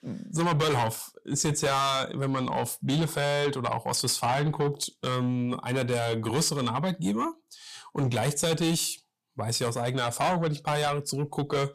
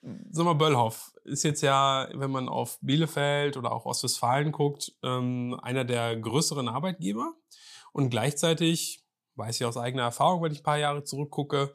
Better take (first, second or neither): second